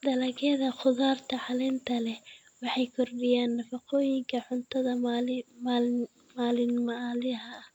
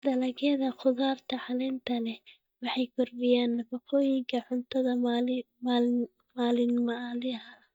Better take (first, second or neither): first